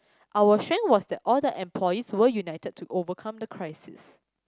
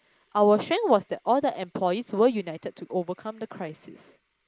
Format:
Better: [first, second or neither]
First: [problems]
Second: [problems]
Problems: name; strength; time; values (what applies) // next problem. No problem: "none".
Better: first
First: none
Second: noise reduction (neural mask model Resemble Enhance denoiser)